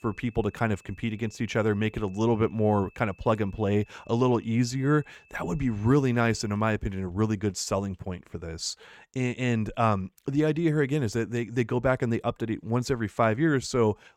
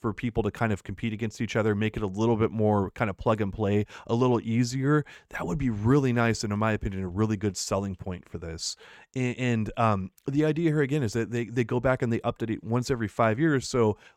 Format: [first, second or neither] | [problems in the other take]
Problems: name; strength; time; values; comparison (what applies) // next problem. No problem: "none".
second | high-pitched whine; faint; until 6.5 s; 2.5 kHz, 30 dB below the speech